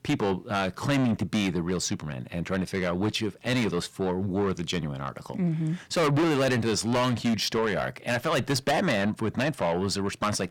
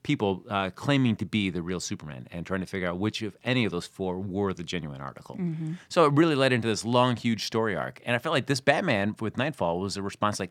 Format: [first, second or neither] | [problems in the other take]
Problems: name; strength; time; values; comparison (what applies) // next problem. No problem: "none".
second | distortion; heavy; 6 dB below the speech